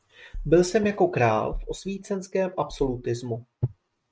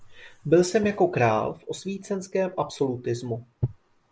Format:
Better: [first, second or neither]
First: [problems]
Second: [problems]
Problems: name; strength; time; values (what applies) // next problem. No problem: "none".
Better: second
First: noise reduction (neural mask model RNNoise)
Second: none